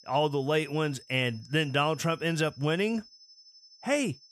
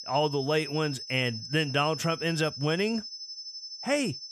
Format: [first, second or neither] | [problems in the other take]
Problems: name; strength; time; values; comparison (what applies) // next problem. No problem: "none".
first | high-pitched whine; loud; throughout; 5 kHz, 9 dB below the speech; faint in the first